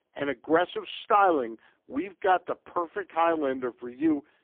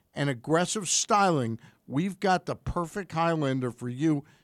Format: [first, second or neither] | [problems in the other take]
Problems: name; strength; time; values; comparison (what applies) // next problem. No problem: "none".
second | phone-call audio; poor line; nothing above 3.5 kHz